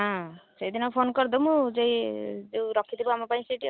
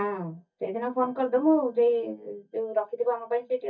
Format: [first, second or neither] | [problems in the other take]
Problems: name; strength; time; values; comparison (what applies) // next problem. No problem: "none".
first | noise reduction (neural mask model DeepFilterNet 3)